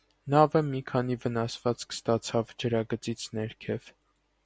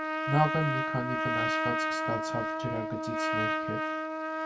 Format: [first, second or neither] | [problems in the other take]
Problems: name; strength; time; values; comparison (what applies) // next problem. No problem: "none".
first | background sound (Trumpet); 3 dB above the speech // room echo; dies away in 0.2 s